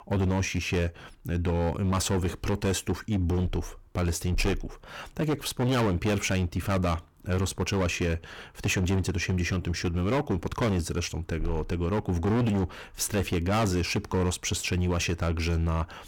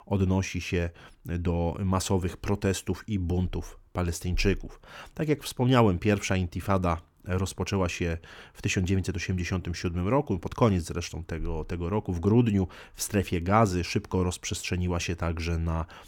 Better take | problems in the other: second | distortion; heavy; 17% of the sound clipped

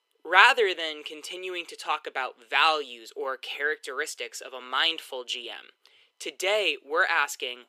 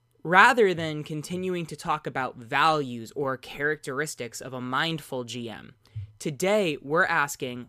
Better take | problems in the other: second | thin; very; fading below 350 Hz

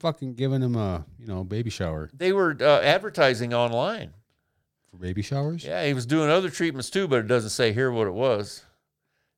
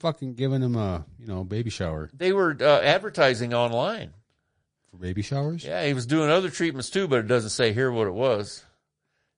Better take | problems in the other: first | garbled, watery; slightly; nothing above 10 kHz

